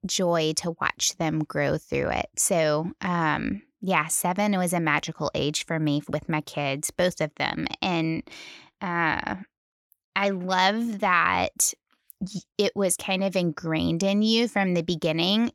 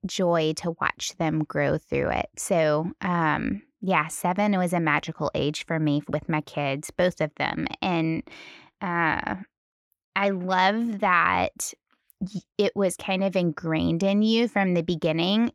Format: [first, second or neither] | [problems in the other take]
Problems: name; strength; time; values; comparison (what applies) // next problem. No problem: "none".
first | muffled; slightly; fading above 3.5 kHz